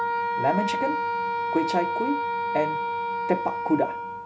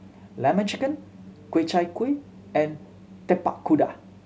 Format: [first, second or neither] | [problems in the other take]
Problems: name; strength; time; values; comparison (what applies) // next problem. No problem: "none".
second | background sound (Wind instrument, woodwind instrument); 1 dB above the speech